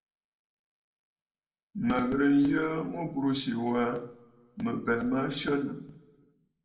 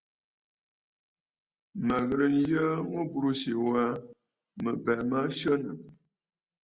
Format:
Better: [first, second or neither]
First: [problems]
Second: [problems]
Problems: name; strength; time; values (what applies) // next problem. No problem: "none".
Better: second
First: room echo; dies away in 0.5 s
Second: none